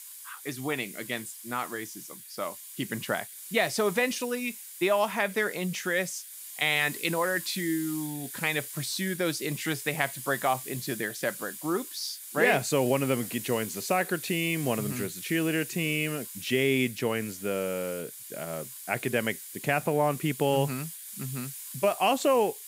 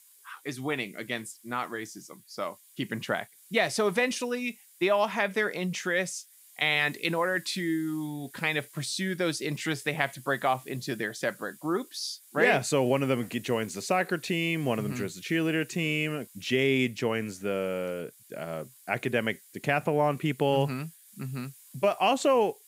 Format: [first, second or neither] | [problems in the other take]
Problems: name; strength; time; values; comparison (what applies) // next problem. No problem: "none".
second | hiss; loud; throughout; 10 dB below the speech; faint in the second